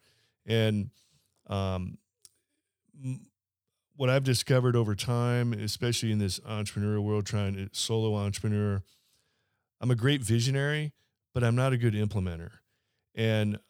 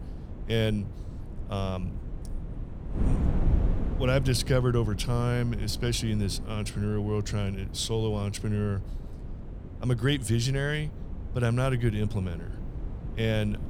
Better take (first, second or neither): first